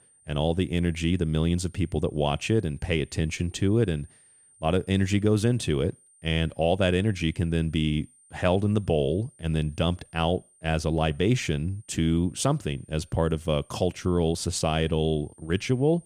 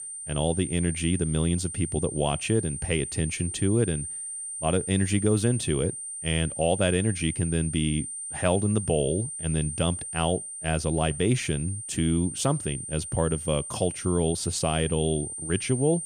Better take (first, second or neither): first